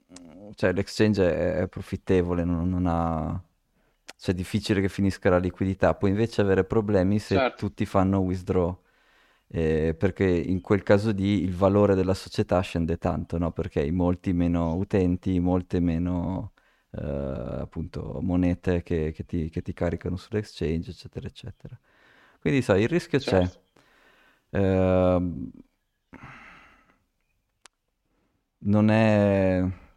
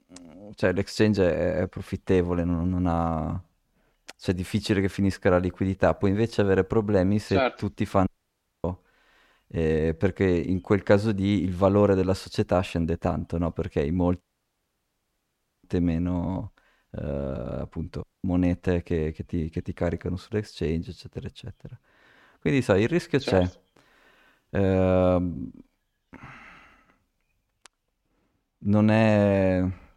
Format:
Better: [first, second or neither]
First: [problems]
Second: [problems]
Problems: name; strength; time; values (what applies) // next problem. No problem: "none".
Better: first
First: none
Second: audio cutting out; at 8 s for 0.5 s, at 14 s for 1.5 s and at 18 s